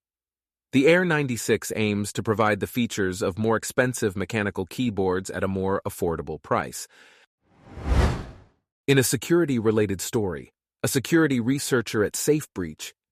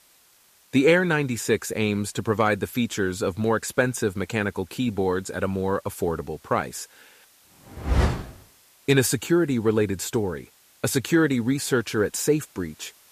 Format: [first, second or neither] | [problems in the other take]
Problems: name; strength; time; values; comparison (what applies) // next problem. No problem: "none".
first | hiss; faint; throughout; 30 dB below the speech